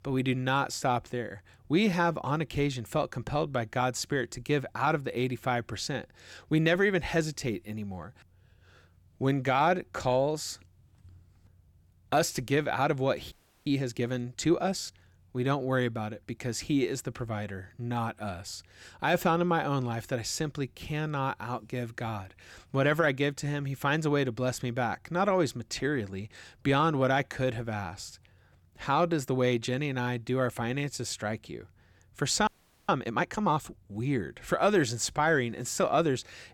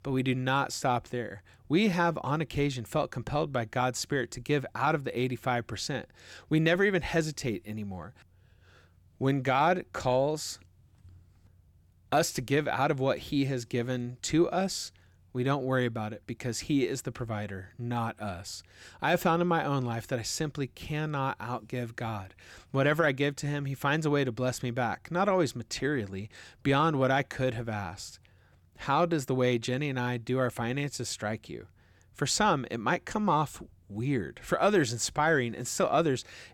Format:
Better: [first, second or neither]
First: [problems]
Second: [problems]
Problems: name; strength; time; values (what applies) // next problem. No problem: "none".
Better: second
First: audio freezing; at 13 s and at 32 s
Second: none